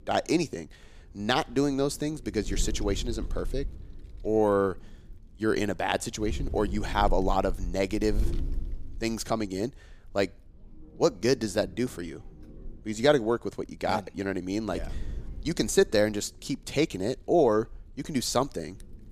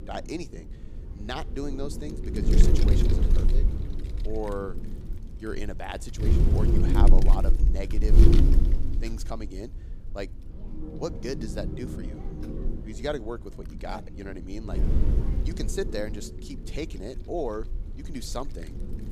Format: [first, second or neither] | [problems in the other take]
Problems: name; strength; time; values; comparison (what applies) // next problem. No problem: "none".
first | wind noise on the microphone; heavy; 2 dB below the speech; occasional gusts in the first